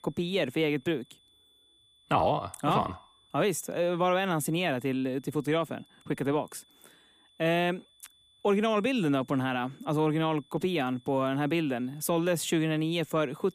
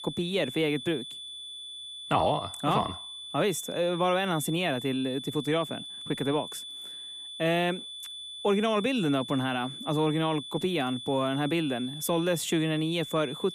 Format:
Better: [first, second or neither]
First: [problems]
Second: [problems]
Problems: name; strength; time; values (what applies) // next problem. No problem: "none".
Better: first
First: high-pitched whine; faint; throughout; 3.5 kHz, 30 dB below the speech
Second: high-pitched whine; loud; throughout; 3.5 kHz, 10 dB below the speech